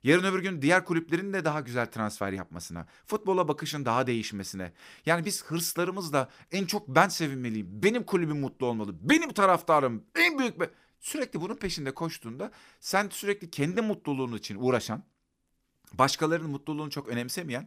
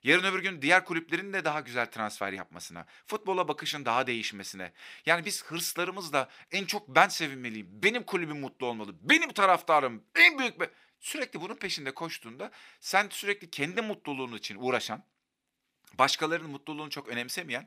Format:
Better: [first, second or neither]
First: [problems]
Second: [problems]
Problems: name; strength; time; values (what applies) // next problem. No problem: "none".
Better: first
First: none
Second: thin; very slightly; fading below 300 Hz